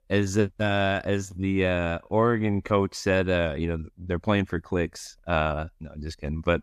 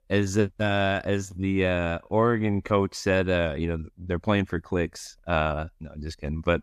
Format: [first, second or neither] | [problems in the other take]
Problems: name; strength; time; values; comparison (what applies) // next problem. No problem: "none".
neither | none